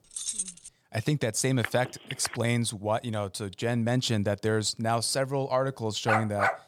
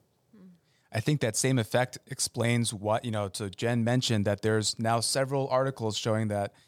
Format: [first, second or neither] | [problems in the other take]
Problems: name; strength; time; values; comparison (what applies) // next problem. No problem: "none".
second | jangling keys; noticeable; at the start; peak 2 dB below the speech // phone ringing; noticeable; at 1.5 s; peak 8 dB below the speech // dog barking; loud; at 6 s; peak 2 dB above the speech